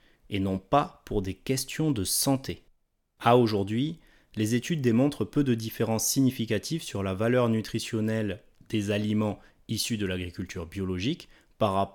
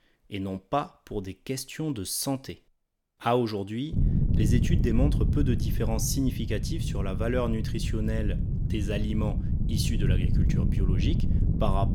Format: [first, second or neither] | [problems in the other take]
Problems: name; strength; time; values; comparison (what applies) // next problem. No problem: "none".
first | wind noise on the microphone; heavy; from 4 s on; 7 dB below the speech